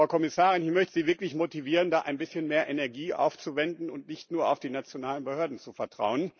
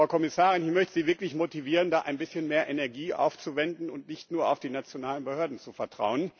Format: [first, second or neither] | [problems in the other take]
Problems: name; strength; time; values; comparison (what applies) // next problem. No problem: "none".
second | noise reduction (neural mask model Resemble Enhance denoiser)